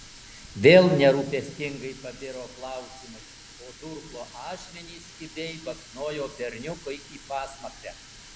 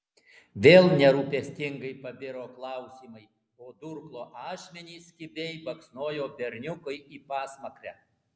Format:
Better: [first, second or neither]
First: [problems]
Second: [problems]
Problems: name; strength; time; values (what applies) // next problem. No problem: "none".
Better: second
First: background sound (Water tap, faucet); 19 dB below the speech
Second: none